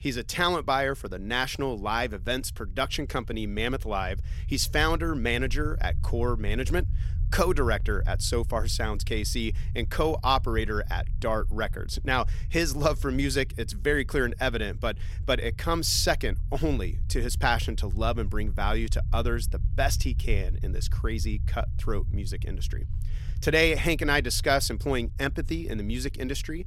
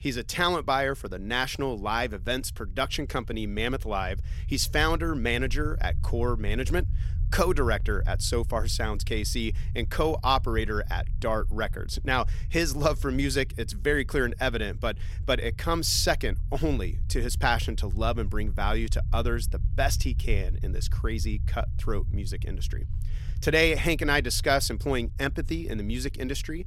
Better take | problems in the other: neither | low rumble; faint; throughout; 25 dB below the speech; the same in both

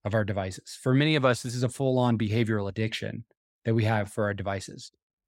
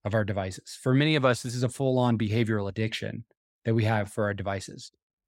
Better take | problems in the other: neither | none

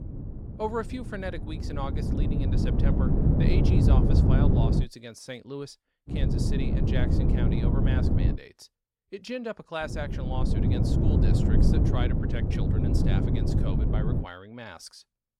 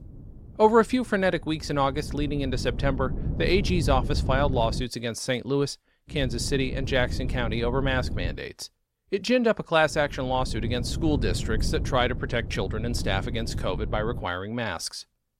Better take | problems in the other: second | wind noise on the microphone; heavy; until 5 s, from 6 to 8.5 s and from 10 to 14 s; 3 dB above the speech; occasional gusts in the second

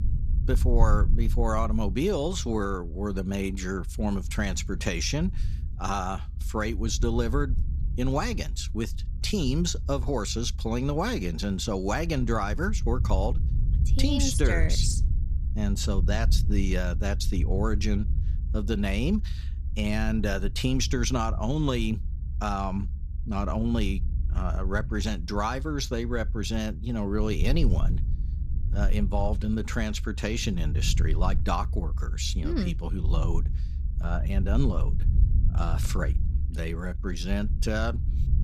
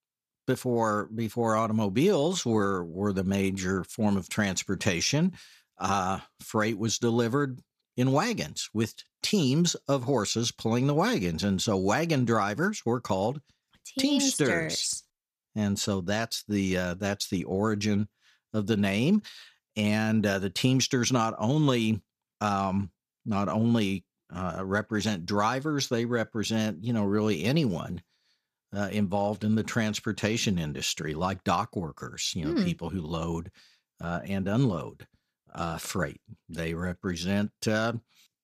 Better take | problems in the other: second | low rumble; noticeable; throughout; 15 dB below the speech

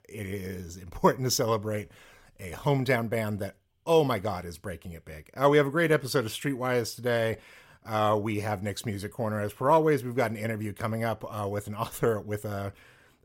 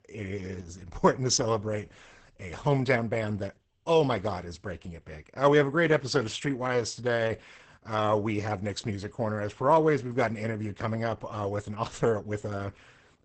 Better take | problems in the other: first | garbled, watery; badly; nothing above 8 kHz

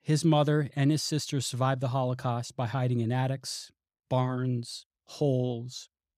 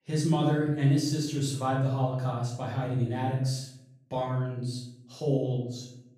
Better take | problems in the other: first | off-mic speech; far // room echo; noticeable; dies away in 0.7 s

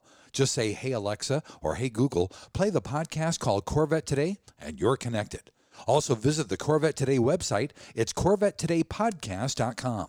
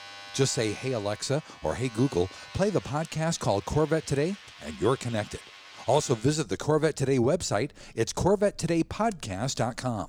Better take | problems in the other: first | household noises; noticeable; throughout; 20 dB below the speech

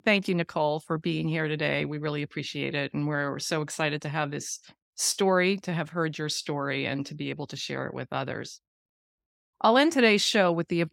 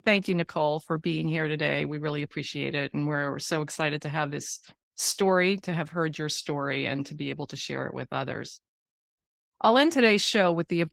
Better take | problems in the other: first | garbled, watery; slightly; nothing above 16.5 kHz

